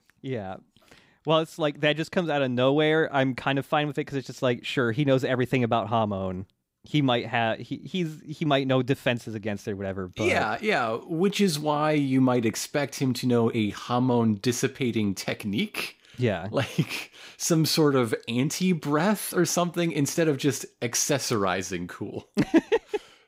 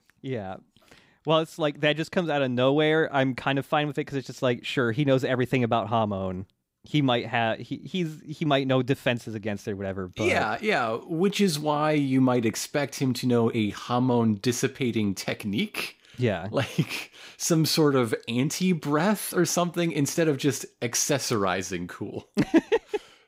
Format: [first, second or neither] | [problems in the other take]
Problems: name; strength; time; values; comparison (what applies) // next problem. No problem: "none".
neither | none